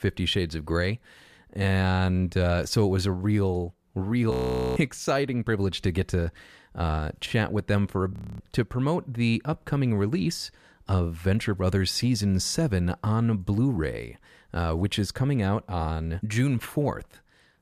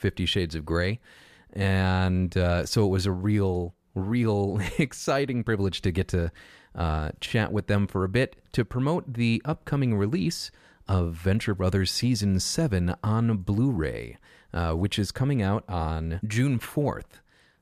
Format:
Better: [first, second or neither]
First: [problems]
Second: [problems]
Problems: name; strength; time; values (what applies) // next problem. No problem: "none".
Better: second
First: audio freezing; at 4.5 s and at 8 s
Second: none